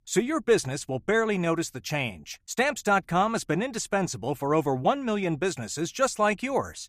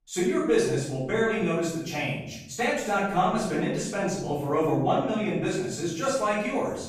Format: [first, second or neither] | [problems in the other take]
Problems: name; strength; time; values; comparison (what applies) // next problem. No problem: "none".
first | off-mic speech; far // room echo; noticeable; dies away in 0.8 s